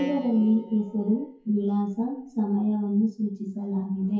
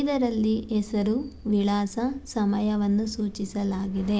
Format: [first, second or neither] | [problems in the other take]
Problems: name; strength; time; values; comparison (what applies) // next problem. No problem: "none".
second | noise reduction (classical method WPE with log-MMSE)